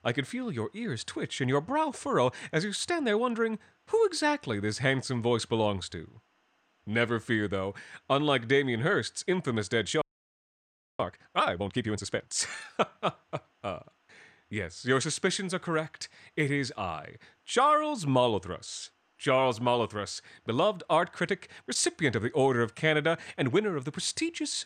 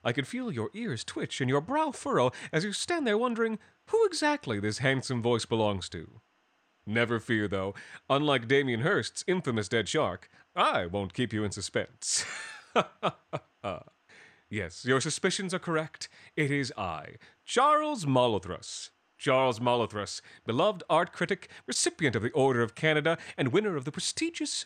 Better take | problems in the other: second | audio freezing; at 10 s for 1 s

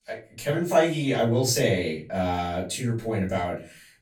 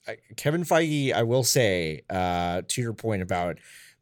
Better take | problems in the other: second | off-mic speech; far // room echo; slight; dies away in 0.3 s

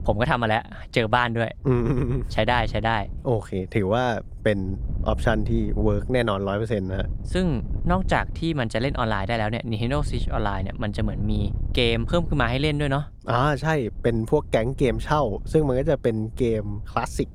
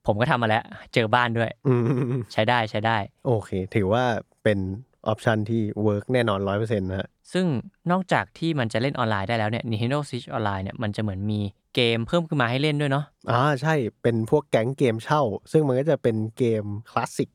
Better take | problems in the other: second | wind noise on the microphone; occasional gusts; 25 dB below the speech

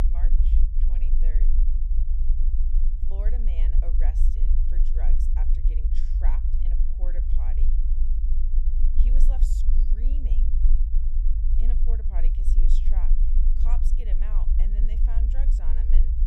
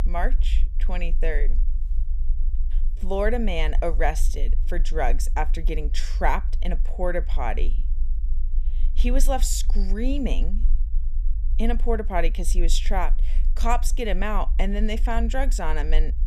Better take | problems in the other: second | low rumble; loud; throughout; 1 dB below the speech; faint in the second

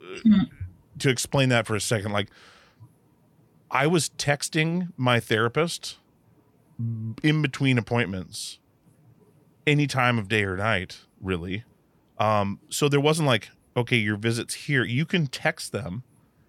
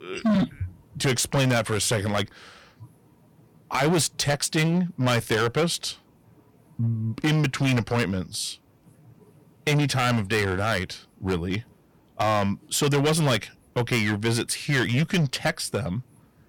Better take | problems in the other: first | distortion; heavy; 11% of the sound clipped

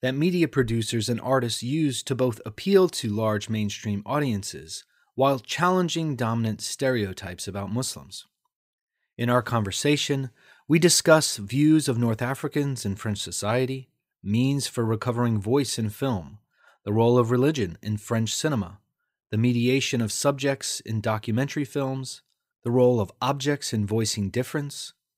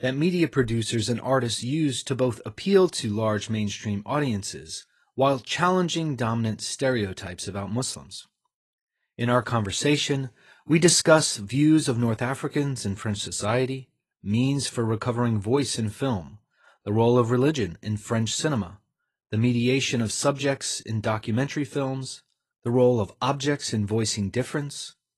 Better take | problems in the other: first | garbled, watery; slightly

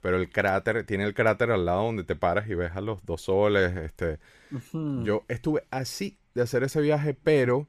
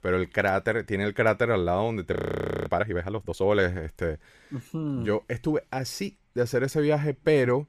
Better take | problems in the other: first | audio freezing; at 2 s for 0.5 s

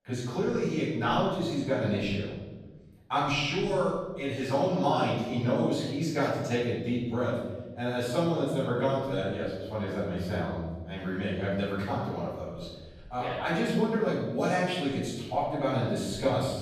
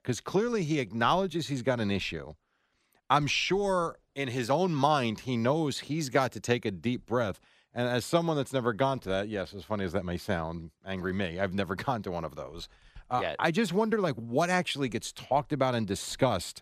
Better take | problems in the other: second | off-mic speech; far // room echo; strong; dies away in 1.3 s

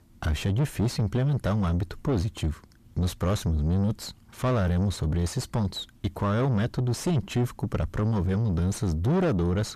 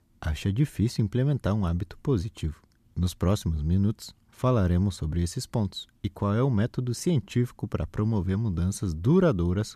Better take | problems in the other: second | distortion; heavy; 6 dB below the speech

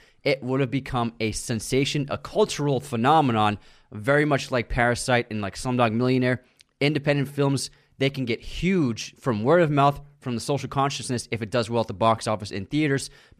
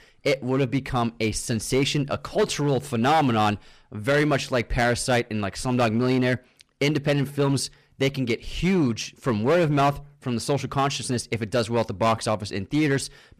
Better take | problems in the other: first | distortion; slight; 6% of the sound clipped

